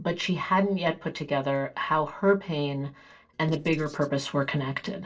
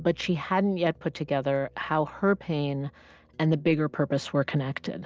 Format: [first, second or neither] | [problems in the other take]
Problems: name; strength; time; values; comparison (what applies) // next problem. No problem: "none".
second | noise reduction (neural separator model SepFormer DNS4)